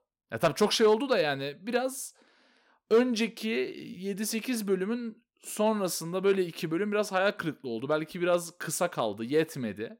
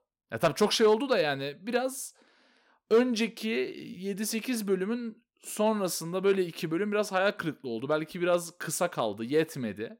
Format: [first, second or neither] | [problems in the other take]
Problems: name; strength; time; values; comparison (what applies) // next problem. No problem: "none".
neither | none